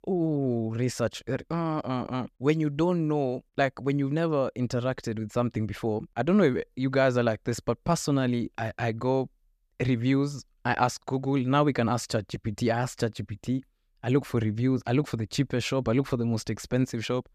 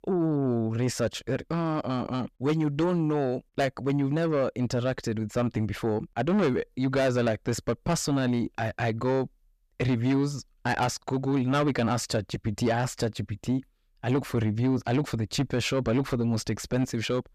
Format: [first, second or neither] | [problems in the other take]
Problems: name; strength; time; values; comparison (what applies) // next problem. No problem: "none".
first | distortion; slight; 10 dB below the speech